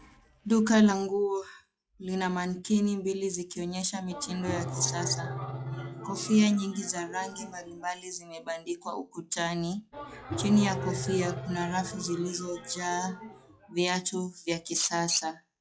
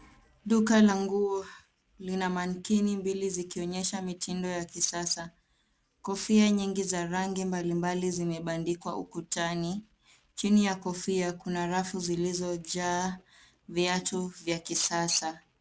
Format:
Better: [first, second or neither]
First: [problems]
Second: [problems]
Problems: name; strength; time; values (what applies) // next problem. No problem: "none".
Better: second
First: noise reduction (classical method log-MMSE)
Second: none